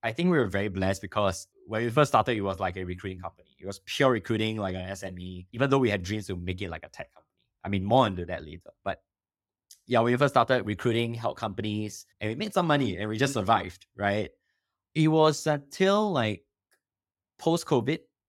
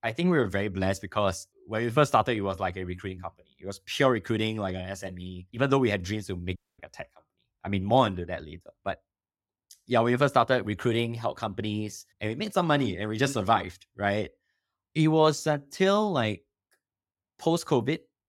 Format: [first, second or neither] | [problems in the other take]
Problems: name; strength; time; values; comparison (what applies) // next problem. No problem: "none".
first | audio cutting out; at 6.5 s